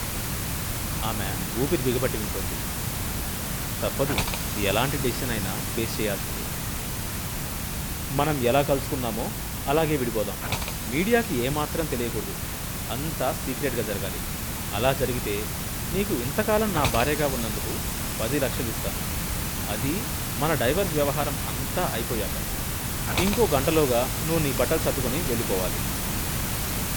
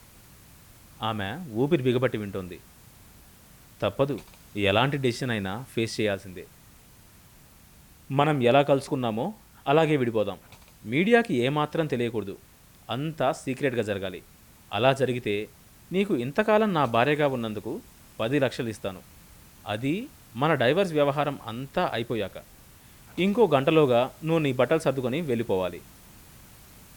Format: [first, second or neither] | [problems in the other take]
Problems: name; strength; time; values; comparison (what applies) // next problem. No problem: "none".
second | hiss; loud; throughout; 1 dB below the speech; faint in the second